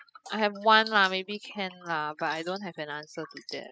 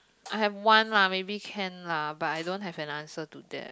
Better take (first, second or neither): second